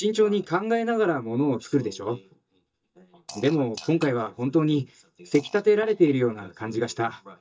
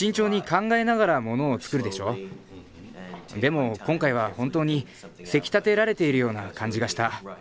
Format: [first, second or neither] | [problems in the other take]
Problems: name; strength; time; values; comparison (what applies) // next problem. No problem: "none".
second | noise reduction (neural mask model DeepFilterNet 3)